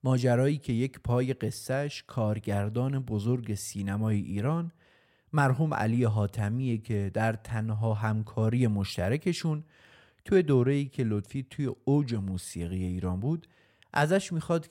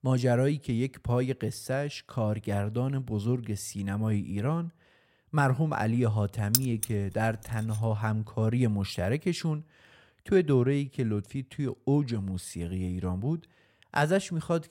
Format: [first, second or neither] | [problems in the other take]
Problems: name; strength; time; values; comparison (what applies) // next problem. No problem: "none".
first | jangling keys; loud; at 6.5 s; peak 3 dB above the speech